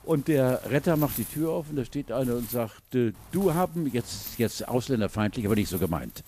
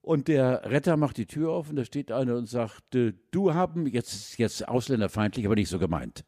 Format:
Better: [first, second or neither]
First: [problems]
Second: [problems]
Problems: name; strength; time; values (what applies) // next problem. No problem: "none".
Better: second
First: wind noise on the microphone; occasional gusts; 15 dB below the speech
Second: none